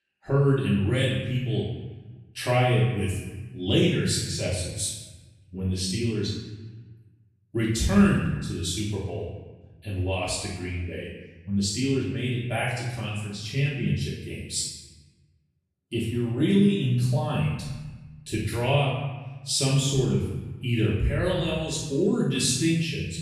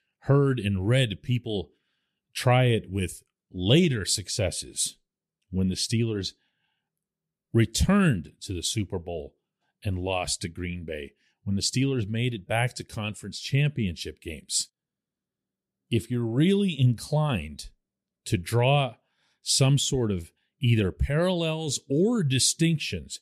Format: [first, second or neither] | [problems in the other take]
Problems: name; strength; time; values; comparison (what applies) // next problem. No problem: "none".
second | off-mic speech; far // room echo; noticeable; dies away in 1.1 s